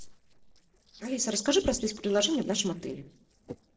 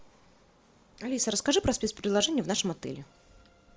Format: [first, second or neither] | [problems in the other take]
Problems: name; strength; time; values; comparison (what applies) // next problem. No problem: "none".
second | noise reduction (neural separator model SepFormer DNS4)